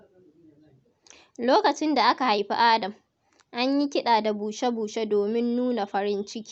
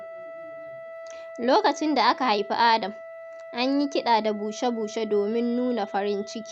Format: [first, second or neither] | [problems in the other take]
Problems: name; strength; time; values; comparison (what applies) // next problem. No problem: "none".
first | background sound (Wind instrument, woodwind instrument); 15 dB below the speech